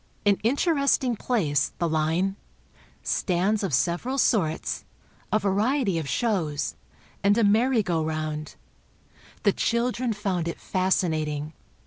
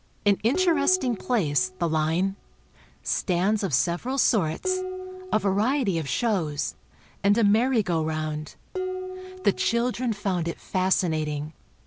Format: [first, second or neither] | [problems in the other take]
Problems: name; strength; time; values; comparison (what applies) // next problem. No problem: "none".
first | background sound (Dishes, pots, and pans); 12 dB below the speech